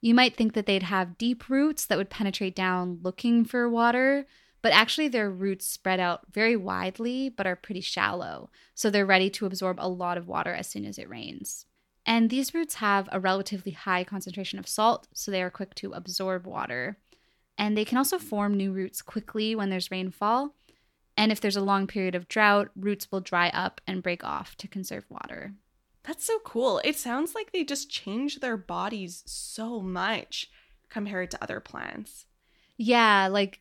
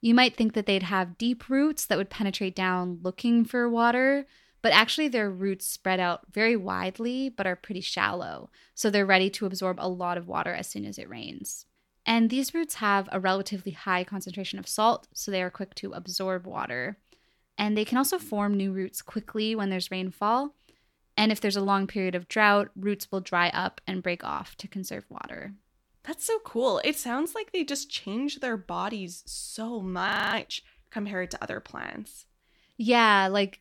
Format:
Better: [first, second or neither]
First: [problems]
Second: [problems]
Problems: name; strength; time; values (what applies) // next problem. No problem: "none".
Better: first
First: none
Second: audio freezing; at 30 s